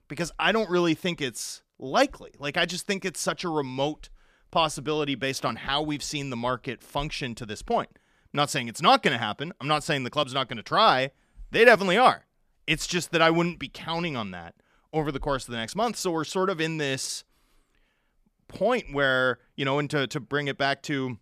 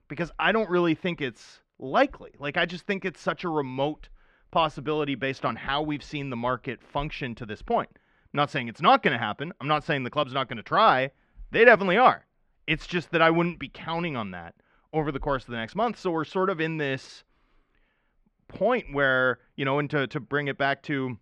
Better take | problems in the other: first | muffled; slightly; fading above 2 kHz

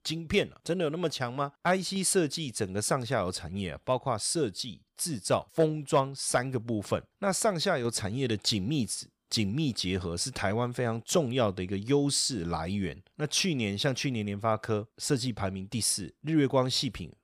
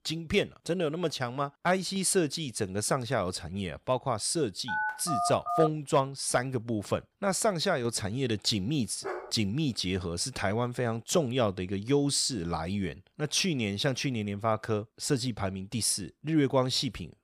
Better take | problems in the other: first | phone ringing; noticeable; at 4.5 s; peak 1 dB below the speech // dog barking; noticeable; at 9 s; peak 9 dB below the speech

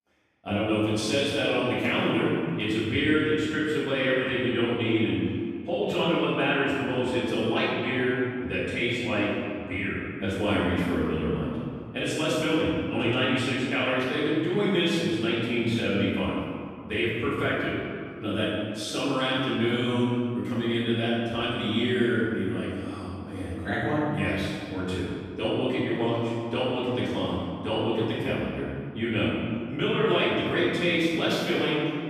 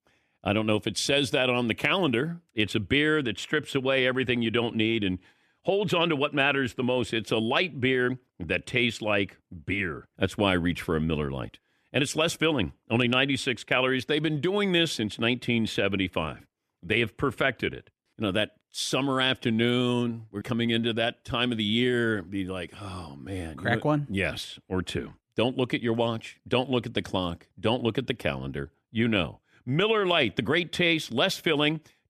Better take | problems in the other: second | room echo; strong; dies away in 2 s // off-mic speech; far

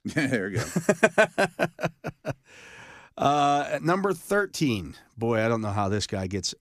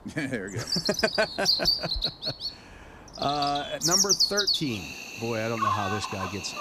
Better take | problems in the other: first | animal sounds; very loud; throughout; 4 dB above the speech

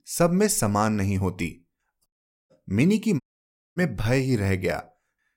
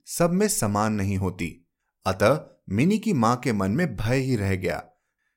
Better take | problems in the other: second | audio cutting out; at 2 s and at 3 s for 0.5 s

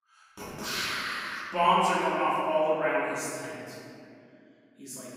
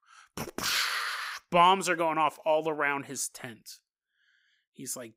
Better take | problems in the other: second | off-mic speech; far // room echo; strong; dies away in 2.4 s

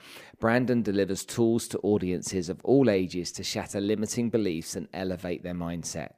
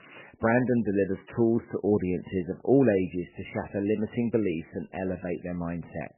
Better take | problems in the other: first | garbled, watery; badly; nothing above 3 kHz

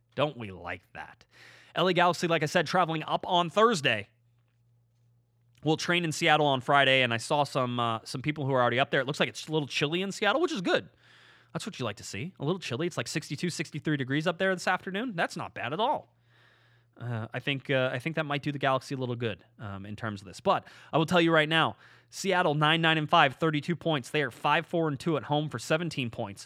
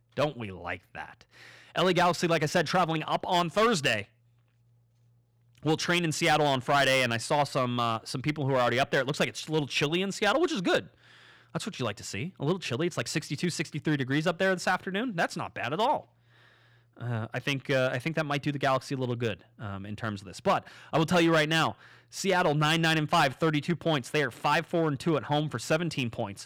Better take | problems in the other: first | distortion; slight; 3% of the sound clipped

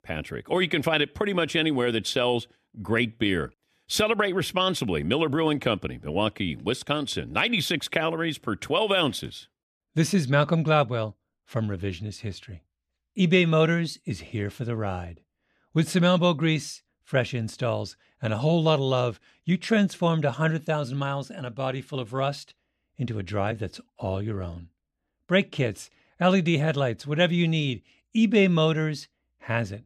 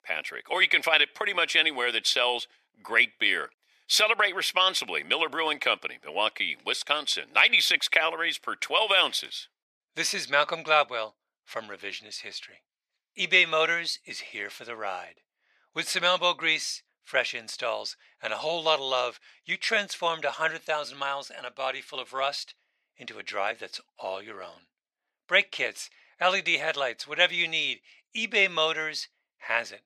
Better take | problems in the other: first | thin; very; fading below 800 Hz

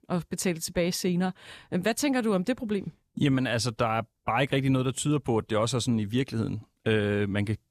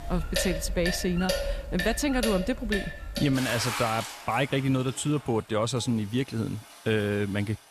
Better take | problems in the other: first | household noises; loud; throughout; 4 dB below the speech

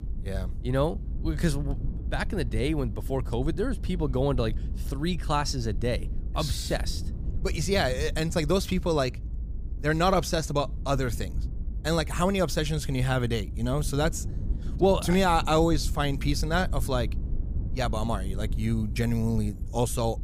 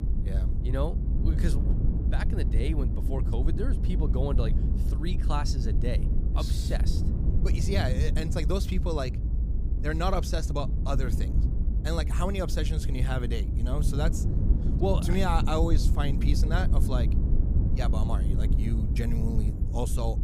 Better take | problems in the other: first | low rumble; loud; throughout; 7 dB below the speech; faint in the first

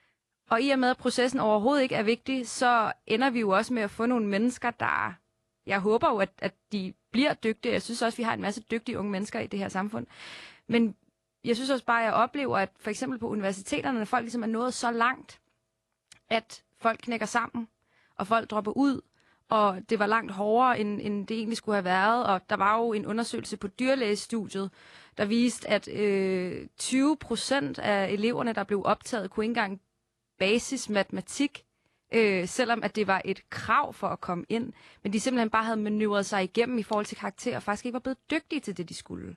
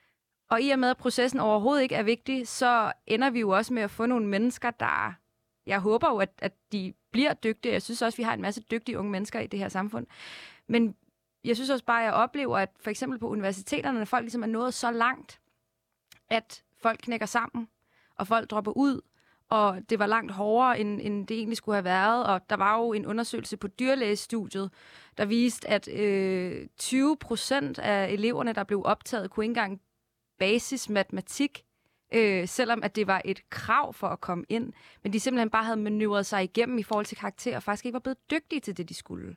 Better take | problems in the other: second | garbled, watery; slightly

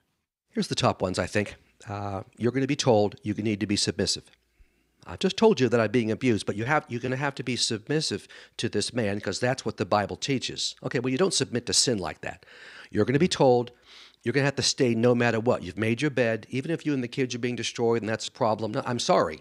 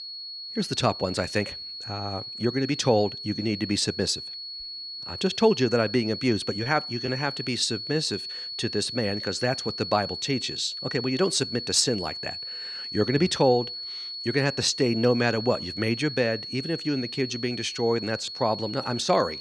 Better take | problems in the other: first | high-pitched whine; loud; throughout; 4.5 kHz, 7 dB below the speech

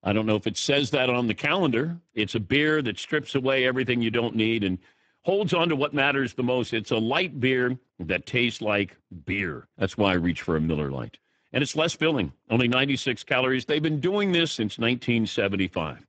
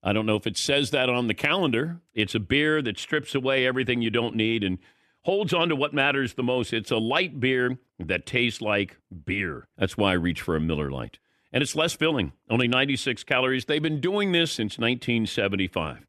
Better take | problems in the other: second | garbled, watery; badly; nothing above 8 kHz

